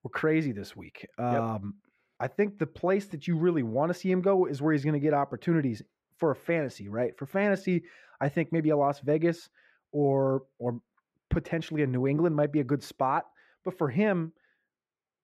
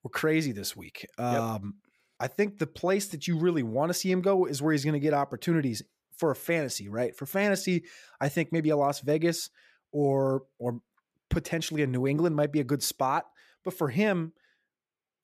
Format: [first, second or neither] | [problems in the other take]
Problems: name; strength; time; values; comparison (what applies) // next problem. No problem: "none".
second | muffled; very; fading above 3.5 kHz